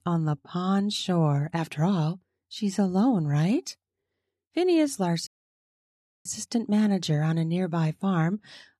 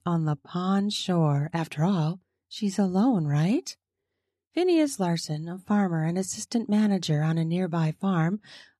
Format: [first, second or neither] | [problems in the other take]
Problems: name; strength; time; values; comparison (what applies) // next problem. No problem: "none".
second | audio cutting out; at 5.5 s for 1 s